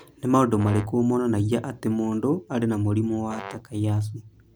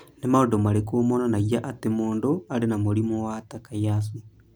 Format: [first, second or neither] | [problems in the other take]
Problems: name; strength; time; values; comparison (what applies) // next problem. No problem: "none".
second | background sound (Brass instrument); 17 dB below the speech